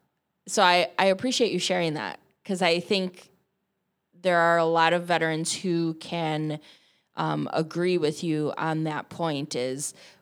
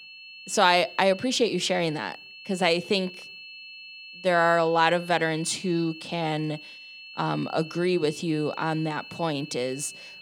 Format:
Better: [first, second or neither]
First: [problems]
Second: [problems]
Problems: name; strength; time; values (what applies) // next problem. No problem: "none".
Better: first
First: none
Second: high-pitched whine; noticeable; throughout; 2.5 kHz, 15 dB below the speech